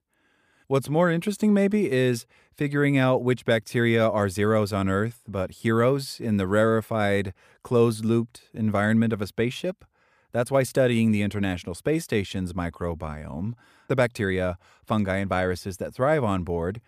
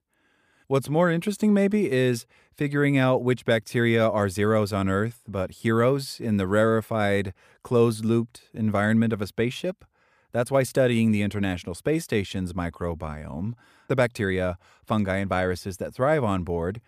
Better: neither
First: none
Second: none

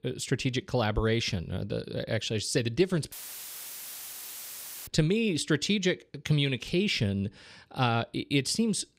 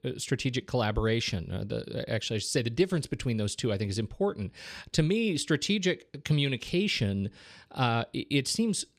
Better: second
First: audio cutting out; filled with static; at 3 s for 2 s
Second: none

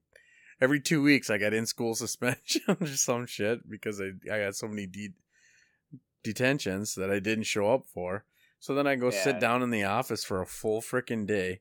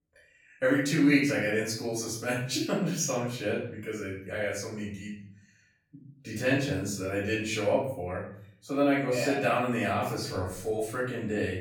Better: first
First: none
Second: off-mic speech; far // room echo; noticeable; dies away in 0.7 s

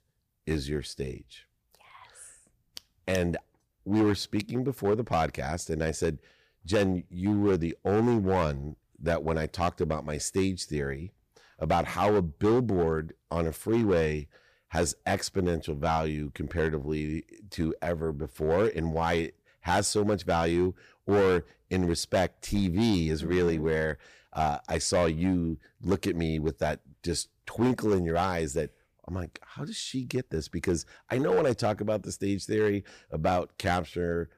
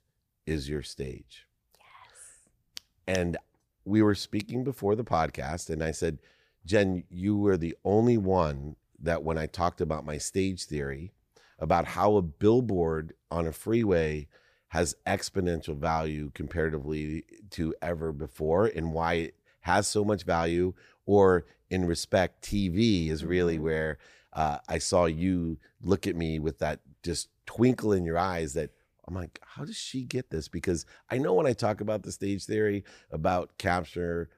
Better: second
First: distortion; slight; 4% of the sound clipped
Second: none

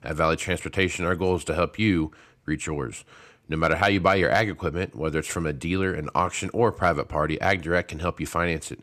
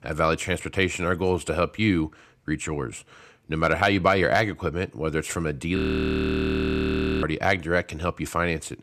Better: first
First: none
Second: audio freezing; at 6 s for 1.5 s

